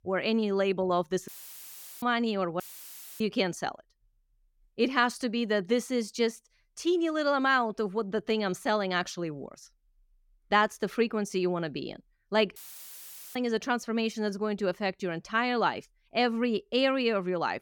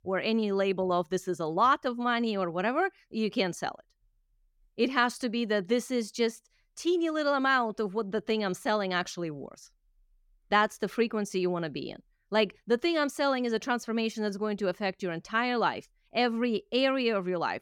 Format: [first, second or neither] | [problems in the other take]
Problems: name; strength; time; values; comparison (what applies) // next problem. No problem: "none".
second | audio cutting out; filled with static; at 1.5 s for 0.5 s, at 2.5 s for 0.5 s and at 13 s for 1 s